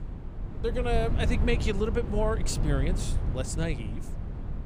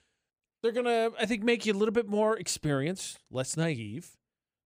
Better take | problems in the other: second | low rumble; noticeable; throughout; 10 dB below the speech

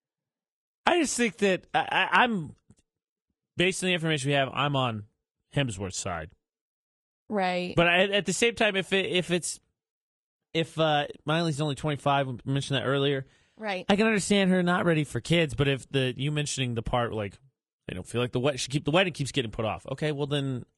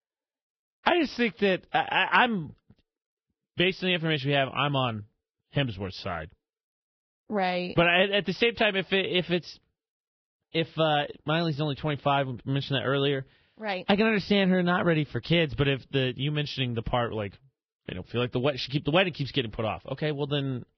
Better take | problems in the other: first | garbled, watery; badly; nothing above 5.5 kHz; slightly in the first

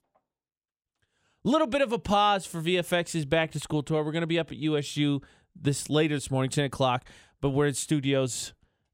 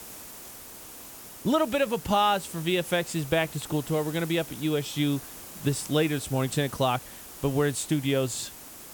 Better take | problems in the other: first | hiss; noticeable; throughout; 15 dB below the speech

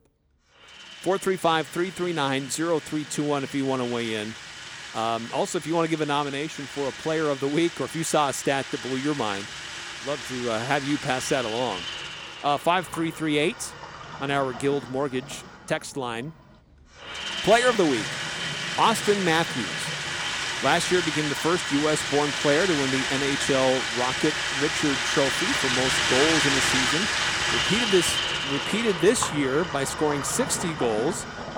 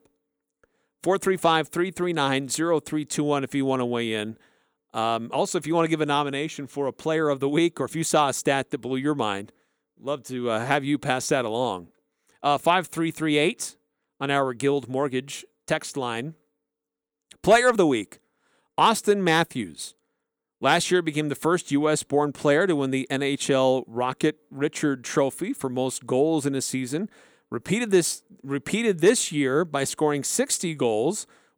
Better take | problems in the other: second | household noises; loud; throughout; 2 dB below the speech

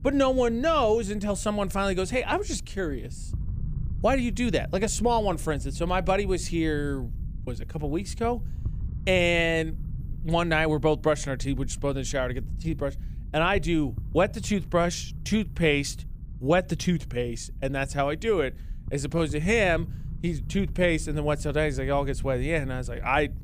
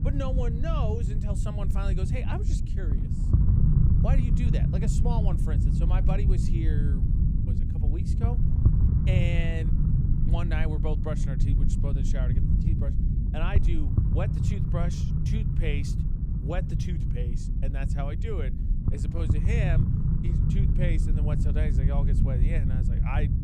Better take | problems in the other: first | low rumble; loud; throughout; 1 dB below the speech; faint in the first

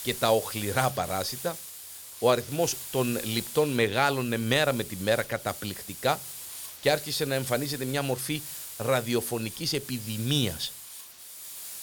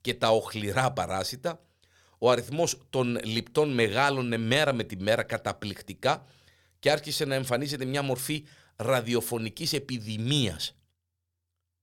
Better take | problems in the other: second | hiss; loud; throughout; 10 dB below the speech

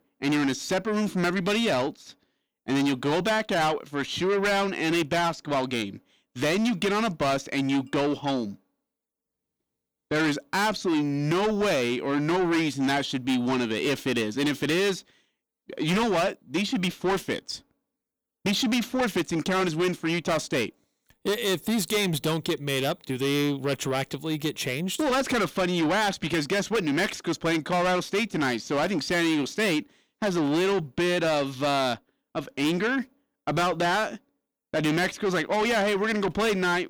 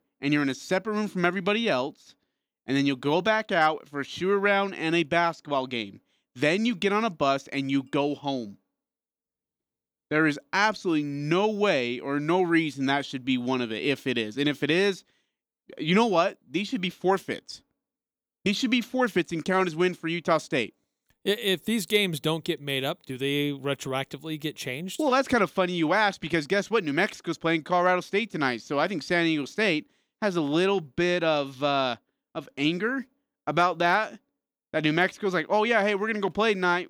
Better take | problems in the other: second | distortion; heavy; 7 dB below the speech

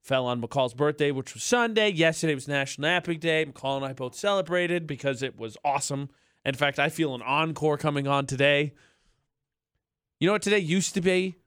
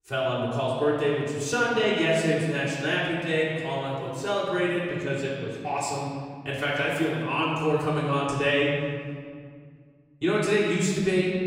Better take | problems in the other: first | off-mic speech; far // room echo; noticeable; dies away in 1.9 s

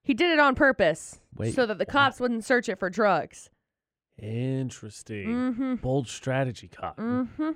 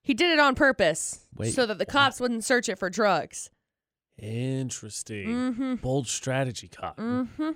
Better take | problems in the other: second | muffled; slightly; fading above 3.5 kHz

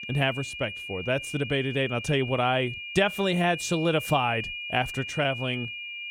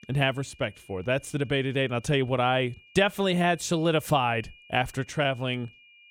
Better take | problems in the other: second | high-pitched whine; loud; throughout; 2.5 kHz, 7 dB below the speech; faint in the second

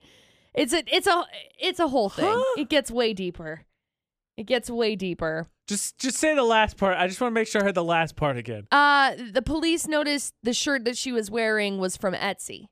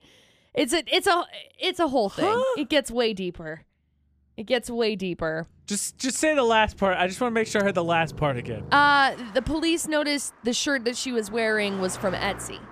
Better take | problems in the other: first | traffic noise; noticeable; throughout; 20 dB below the speech

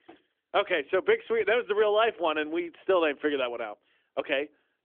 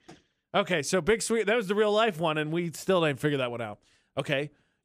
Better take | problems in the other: second | phone-call audio; nothing above 3.5 kHz

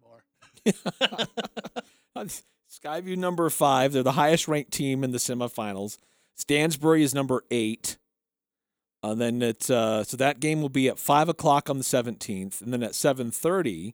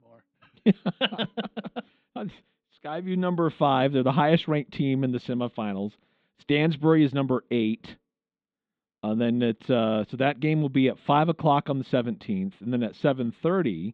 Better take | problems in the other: first | muffled; very; fading above 3.5 kHz

